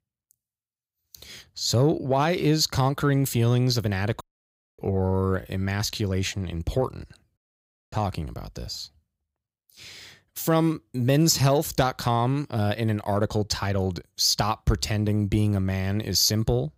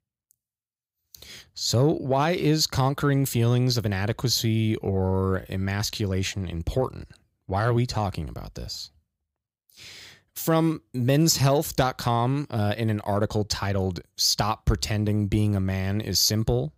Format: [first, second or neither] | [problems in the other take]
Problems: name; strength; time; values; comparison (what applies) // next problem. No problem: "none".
second | audio cutting out; at 4 s for 0.5 s and at 7.5 s for 0.5 s